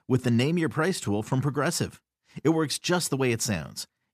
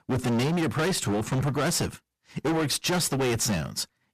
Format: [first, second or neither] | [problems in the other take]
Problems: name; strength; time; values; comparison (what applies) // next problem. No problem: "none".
first | distortion; heavy; 28% of the sound clipped